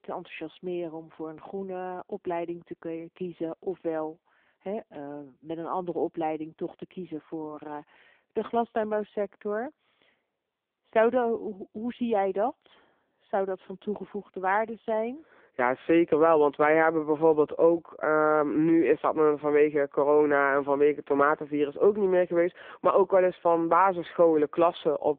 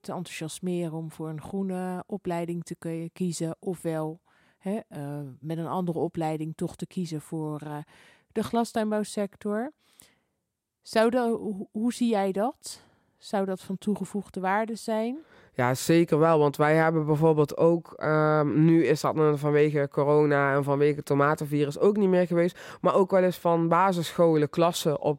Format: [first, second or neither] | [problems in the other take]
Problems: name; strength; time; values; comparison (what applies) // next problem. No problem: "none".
second | phone-call audio; poor line